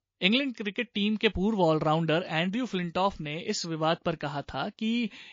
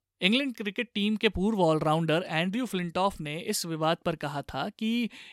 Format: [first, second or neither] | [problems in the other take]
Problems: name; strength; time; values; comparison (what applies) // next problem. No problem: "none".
second | garbled, watery; slightly